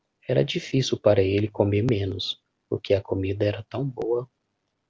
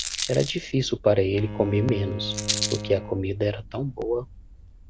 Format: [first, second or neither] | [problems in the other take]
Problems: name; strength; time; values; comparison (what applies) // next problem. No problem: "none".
first | background sound (Bowed string instrument + Rattle); 7 dB below the speech